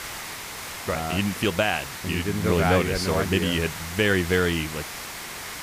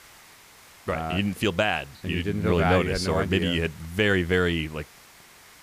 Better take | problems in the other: second | hiss; loud; throughout; 10 dB below the speech; faint in the second

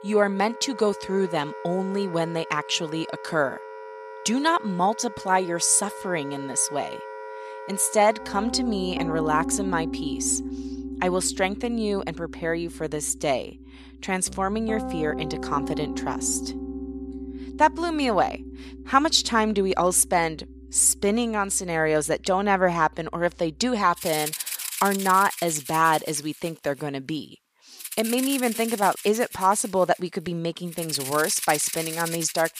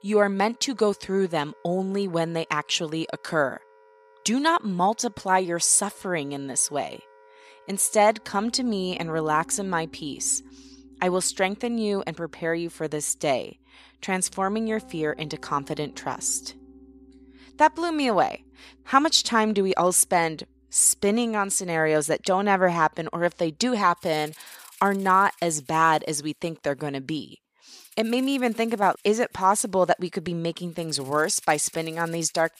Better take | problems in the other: second | background music; loud; throughout; 10 dB below the speech; faint in the second

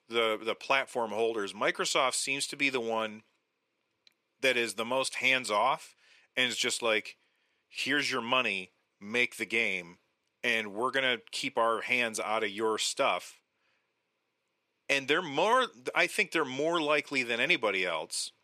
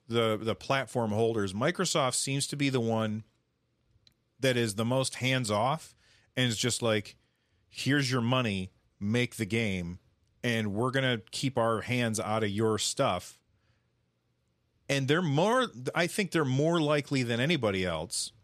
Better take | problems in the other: second | thin; somewhat; fading below 400 Hz

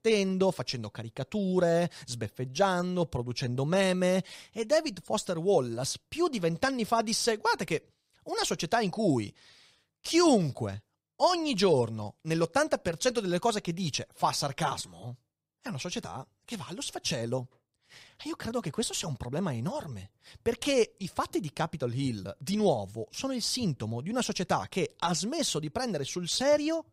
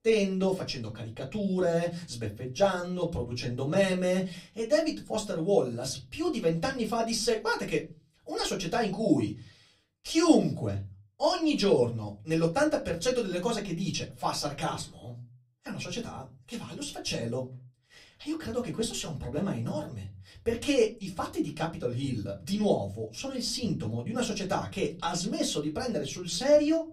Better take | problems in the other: first | off-mic speech; far // room echo; very slight; dies away in 0.3 s

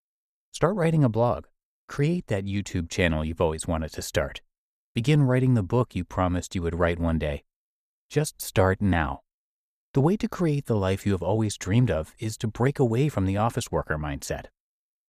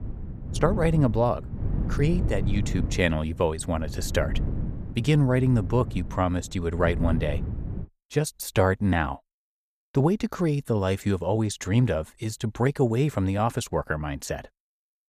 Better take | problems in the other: first | wind noise on the microphone; occasional gusts; until 8 s; 15 dB below the speech

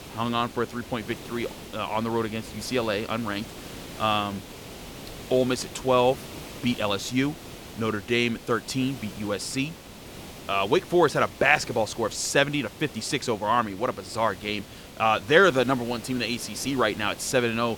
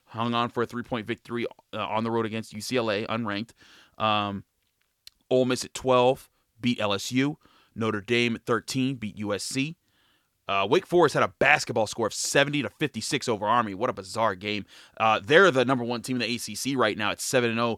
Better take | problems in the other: second | hiss; noticeable; throughout; 15 dB below the speech

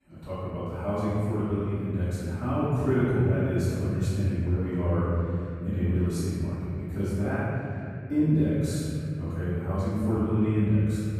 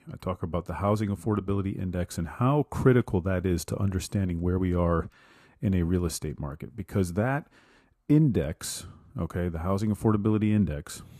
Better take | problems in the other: second | off-mic speech; far // room echo; strong; dies away in 3 s

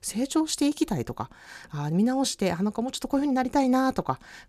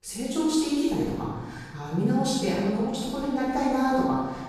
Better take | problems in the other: first | off-mic speech; far // room echo; strong; dies away in 1.3 s

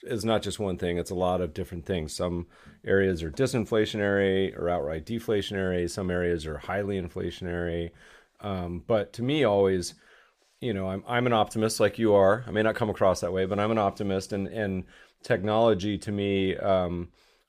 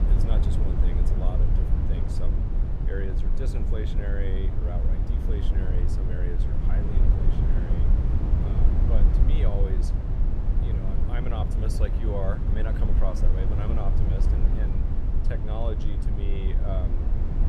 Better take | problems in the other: first | low rumble; loud; throughout; 1 dB below the speech

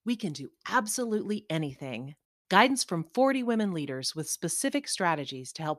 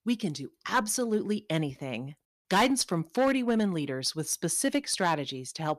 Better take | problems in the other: first | distortion; slight; 3% of the sound clipped

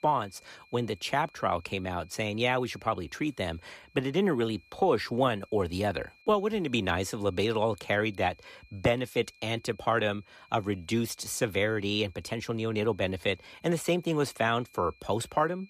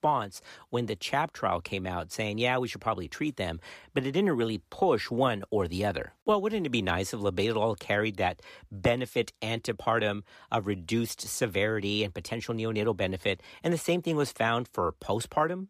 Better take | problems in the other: second | high-pitched whine; faint; throughout; 2.5 kHz, 30 dB below the speech

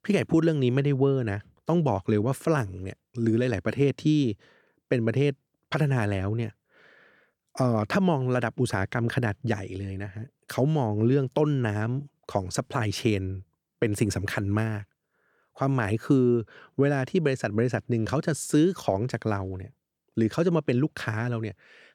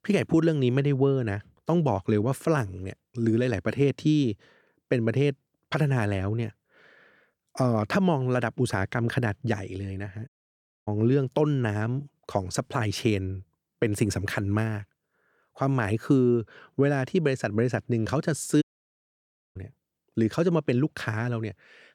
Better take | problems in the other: first | audio cutting out; at 10 s for 0.5 s and at 19 s for 1 s

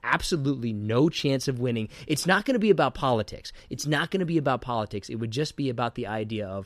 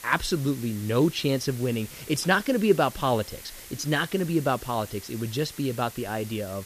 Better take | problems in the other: first | hiss; noticeable; throughout; 15 dB below the speech

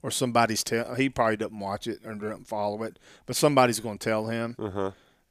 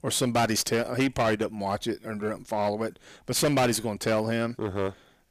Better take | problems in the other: first | distortion; heavy; 9% of the sound clipped

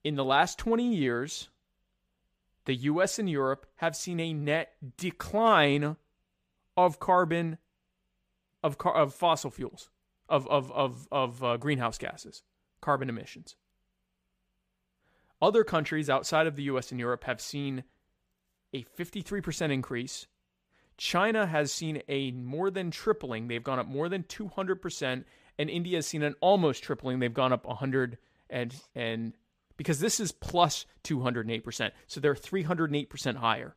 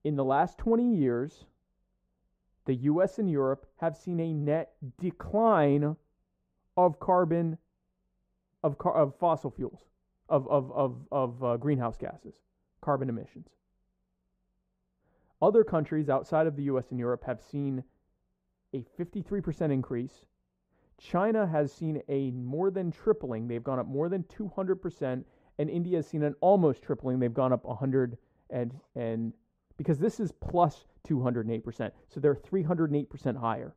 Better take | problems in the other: first | muffled; very; fading above 1.5 kHz

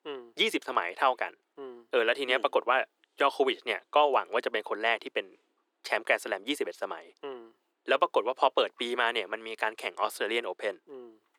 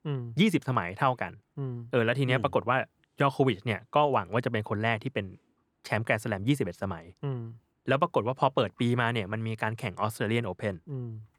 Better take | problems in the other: second | thin; very; fading below 350 Hz

